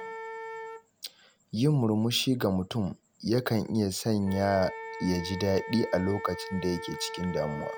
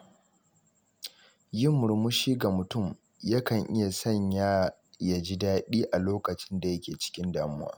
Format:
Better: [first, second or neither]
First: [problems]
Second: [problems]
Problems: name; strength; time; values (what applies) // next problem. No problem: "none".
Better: second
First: background sound (Wind instrument, woodwind instrument); 12 dB below the speech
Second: none